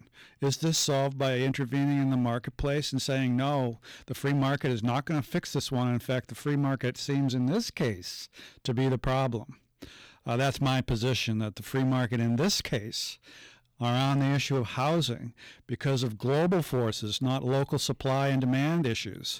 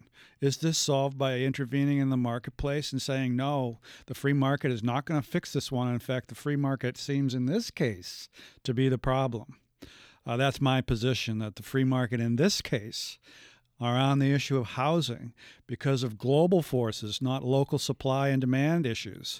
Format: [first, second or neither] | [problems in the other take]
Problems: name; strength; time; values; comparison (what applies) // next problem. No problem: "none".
second | distortion; slight; 12% of the sound clipped